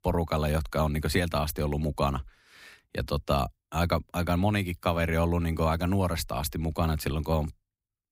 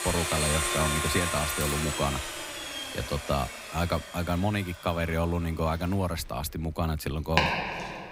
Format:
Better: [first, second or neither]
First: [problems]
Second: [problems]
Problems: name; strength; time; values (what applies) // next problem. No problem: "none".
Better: first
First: none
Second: household noises; very loud; throughout; as loud as the speech